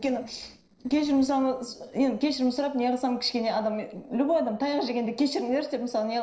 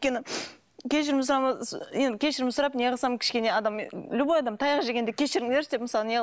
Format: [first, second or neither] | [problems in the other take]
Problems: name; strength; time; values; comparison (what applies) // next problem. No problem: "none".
second | noise reduction (neural separator model SepFormer DNS4)